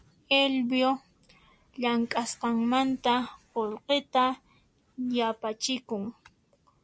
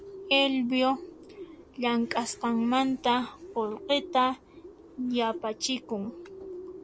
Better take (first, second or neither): first